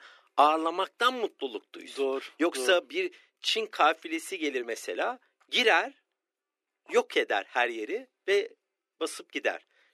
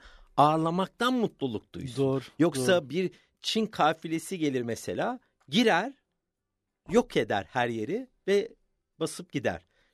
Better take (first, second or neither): second